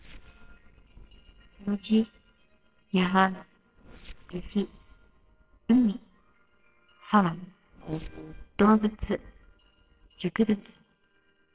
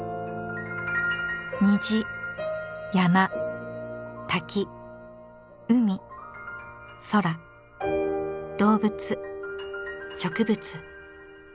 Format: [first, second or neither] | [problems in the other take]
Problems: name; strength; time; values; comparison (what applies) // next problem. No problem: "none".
second | noise reduction (neural separator model SepFormer WHAMR!)